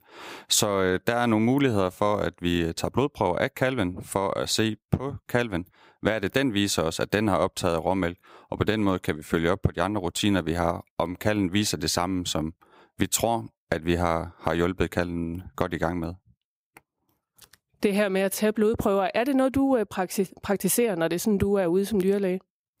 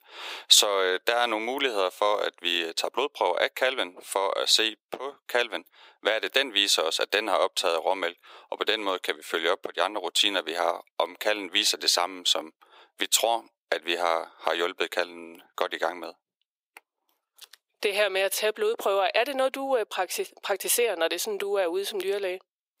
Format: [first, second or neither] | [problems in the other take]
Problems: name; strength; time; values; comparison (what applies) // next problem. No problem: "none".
first | thin; very; fading below 450 Hz